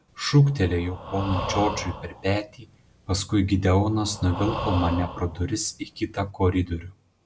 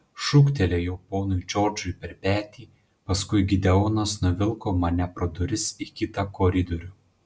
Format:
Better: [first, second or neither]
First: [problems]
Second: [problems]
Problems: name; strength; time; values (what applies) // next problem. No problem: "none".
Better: second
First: background sound (Breathing); 10 dB below the speech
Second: none